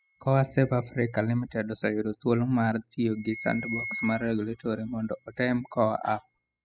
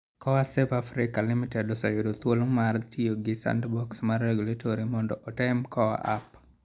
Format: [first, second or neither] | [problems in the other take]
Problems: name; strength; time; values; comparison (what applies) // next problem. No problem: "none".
second | noise reduction (classical method spectral subtraction)